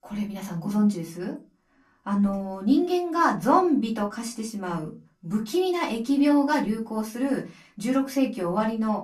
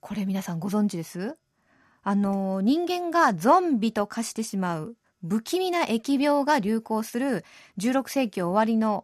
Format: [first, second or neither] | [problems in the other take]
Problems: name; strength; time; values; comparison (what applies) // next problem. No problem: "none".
second | off-mic speech; far // room echo; very slight; dies away in 0.2 s